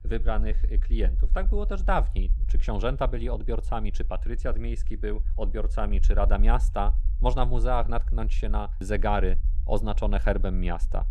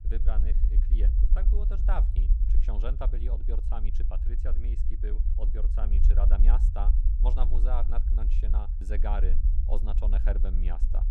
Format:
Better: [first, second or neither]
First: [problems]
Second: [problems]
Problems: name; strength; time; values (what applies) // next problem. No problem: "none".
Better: first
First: low rumble; faint; throughout; 20 dB below the speech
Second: low rumble; loud; throughout; 7 dB below the speech